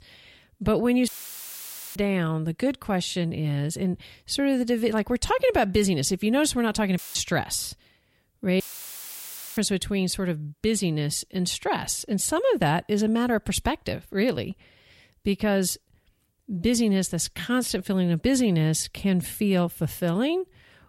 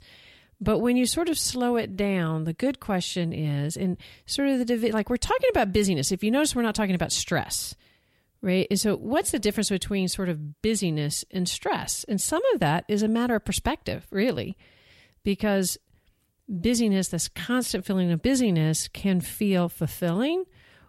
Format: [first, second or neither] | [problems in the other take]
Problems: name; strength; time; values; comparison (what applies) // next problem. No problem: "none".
second | audio cutting out; filled with static; at 1 s for 1 s, at 7 s and at 8.5 s for 1 s